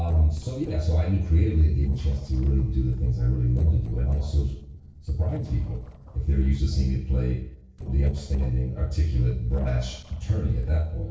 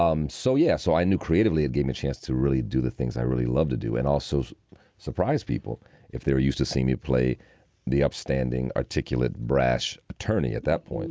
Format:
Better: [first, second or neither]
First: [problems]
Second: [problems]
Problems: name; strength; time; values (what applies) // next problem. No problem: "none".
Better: second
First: noise reduction (neural separator model SepFormer DNS4)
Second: none